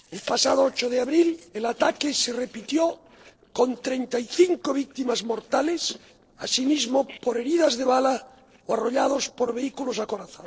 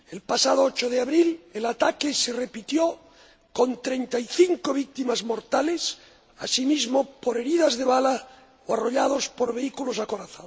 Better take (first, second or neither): second